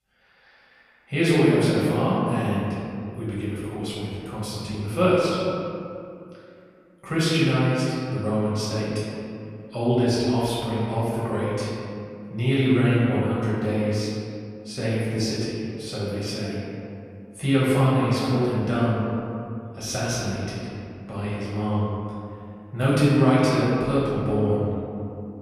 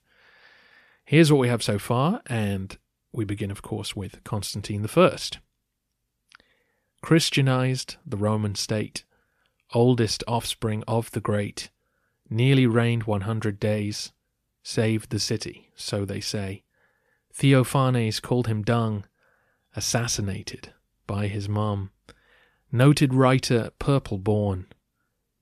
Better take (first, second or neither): second